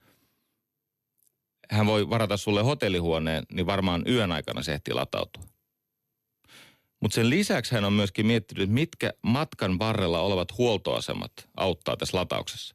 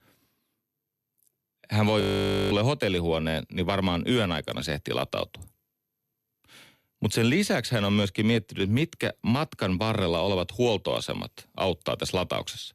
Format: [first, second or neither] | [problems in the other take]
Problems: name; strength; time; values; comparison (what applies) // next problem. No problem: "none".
first | audio freezing; at 2 s for 0.5 s